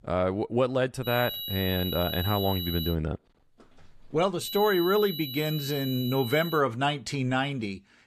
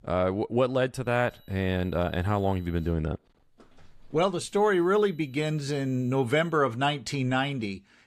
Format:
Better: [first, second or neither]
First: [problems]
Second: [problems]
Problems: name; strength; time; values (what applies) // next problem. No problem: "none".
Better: second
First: high-pitched whine; loud; from 1 to 3 s and from 4.5 to 6.5 s; 4 kHz, 7 dB below the speech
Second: high-pitched whine; faint; from 1 to 3 s and from 4.5 to 6.5 s; 4 kHz, 35 dB below the speech